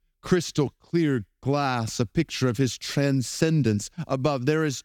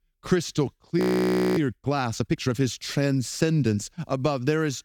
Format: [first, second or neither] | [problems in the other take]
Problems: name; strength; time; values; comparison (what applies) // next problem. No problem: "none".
first | audio freezing; at 1 s for 0.5 s